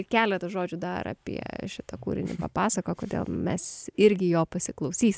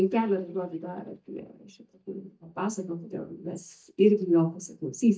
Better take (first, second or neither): first